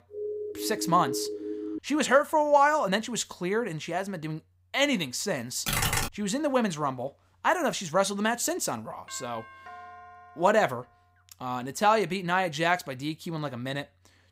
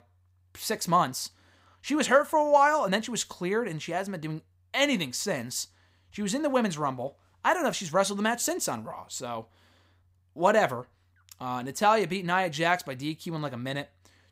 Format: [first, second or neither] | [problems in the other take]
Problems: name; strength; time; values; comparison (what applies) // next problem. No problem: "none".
second | siren; noticeable; until 2 s; peak 6 dB below the speech // keyboard typing; loud; at 5.5 s; peak 2 dB above the speech // doorbell; faint; from 9 to 11 s; peak 15 dB below the speech